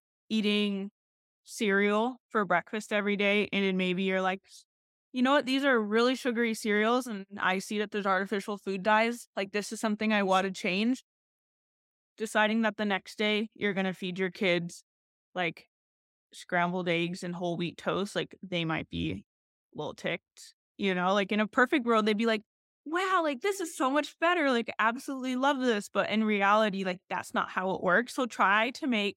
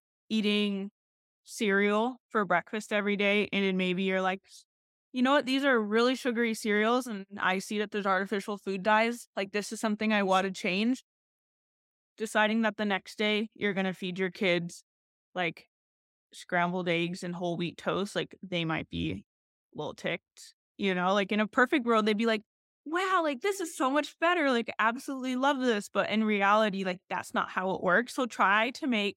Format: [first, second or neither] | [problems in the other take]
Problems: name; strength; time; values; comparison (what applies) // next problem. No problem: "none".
neither | none